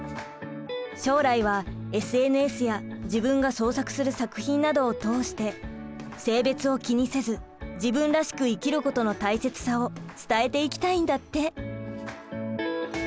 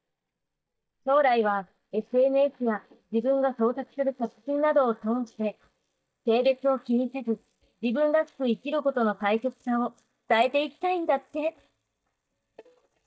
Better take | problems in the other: first | noise reduction (neural mask model DeepFilterNet 3)

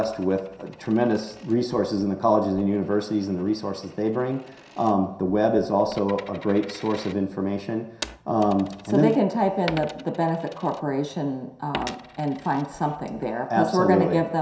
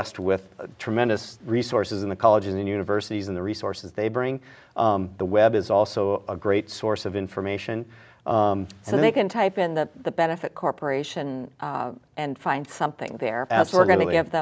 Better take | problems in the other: second | background sound (Coin (dropping)); 20 dB below the speech // room echo; dies away in 0.7 s

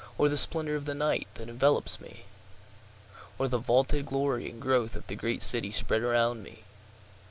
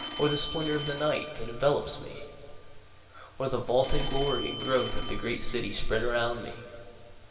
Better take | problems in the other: first | background sound (Telephone); 12 dB below the speech // room echo; dies away in 2.3 s

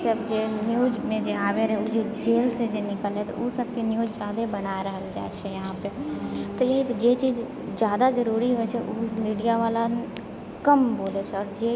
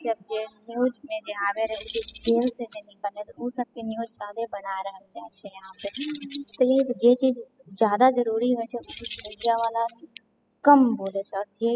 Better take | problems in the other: first | noise reduction (classical method spectral subtraction)

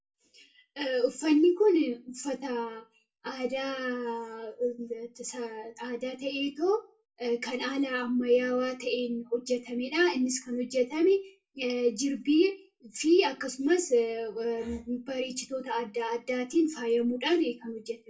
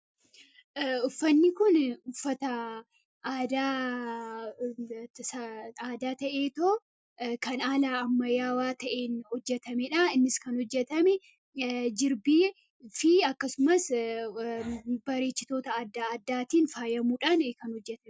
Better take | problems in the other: second | room echo; dies away in 0.2 s

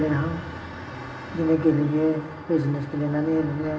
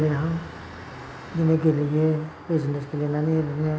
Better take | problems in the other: second | room echo; dies away in 1.4 s

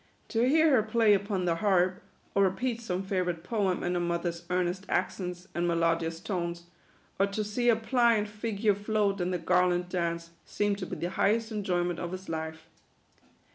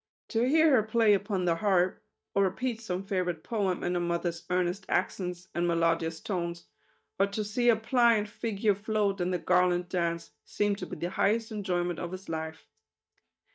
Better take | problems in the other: first | noise reduction (neural mask model DeepFilterNet 3)

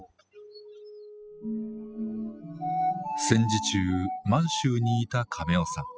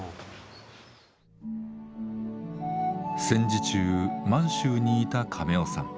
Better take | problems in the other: second | noise reduction (classical method spectral subtraction)

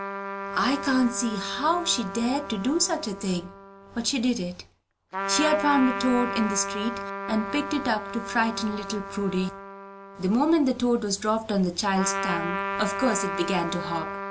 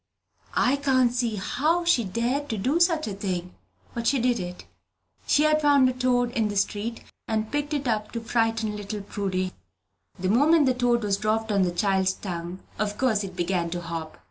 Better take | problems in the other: second | background sound (Trumpet); 7 dB below the speech

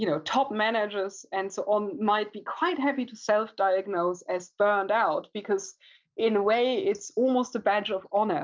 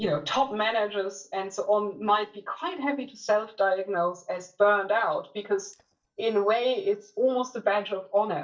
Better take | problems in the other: first | noise reduction (neural mask model DeepFilterNet 3)

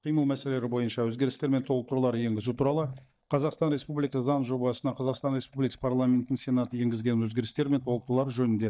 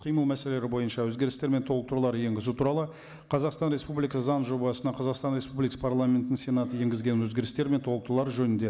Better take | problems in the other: second | noise reduction (neural mask model DeepFilterNet 3)

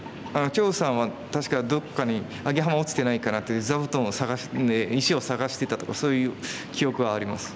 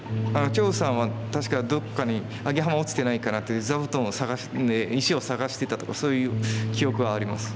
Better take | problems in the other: first | background sound (Bass guitar); 6 dB below the speech

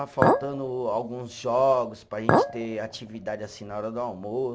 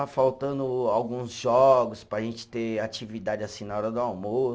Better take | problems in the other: second | background sound (Chink, clink); as loud as the speech

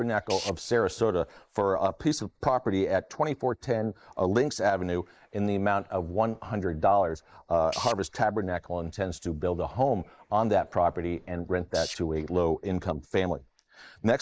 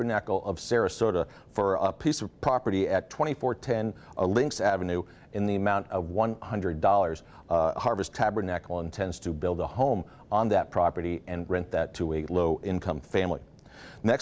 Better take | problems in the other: second | noise reduction (neural mask model Resemble Enhance denoiser)

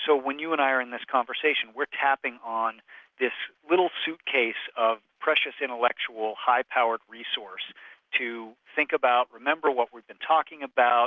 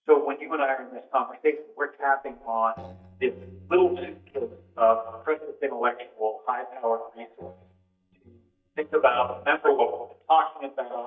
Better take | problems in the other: first | noise reduction (neural mask model DeepFilterNet 3)

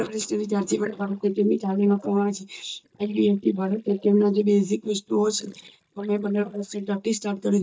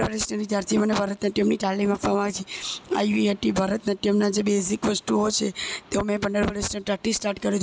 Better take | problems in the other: second | noise reduction (neural mask model DeepFilterNet 3)

